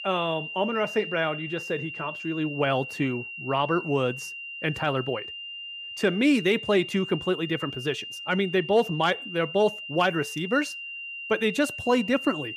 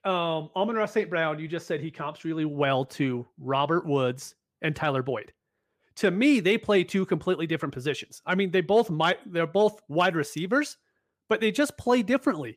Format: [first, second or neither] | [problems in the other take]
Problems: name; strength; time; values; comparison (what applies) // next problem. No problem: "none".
second | high-pitched whine; loud; throughout; 3 kHz, 9 dB below the speech